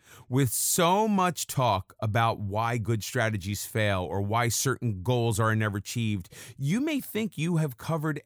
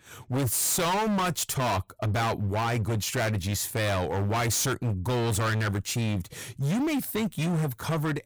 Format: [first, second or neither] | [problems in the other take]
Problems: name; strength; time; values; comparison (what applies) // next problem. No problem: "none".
first | distortion; heavy; 31% of the sound clipped